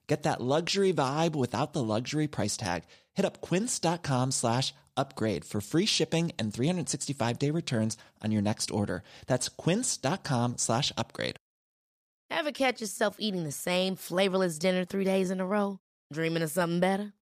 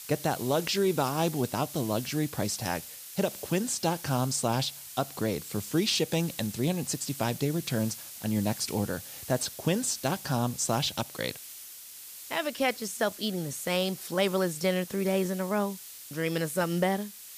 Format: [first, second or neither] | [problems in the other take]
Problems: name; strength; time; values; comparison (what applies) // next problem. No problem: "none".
first | hiss; noticeable; throughout; 10 dB below the speech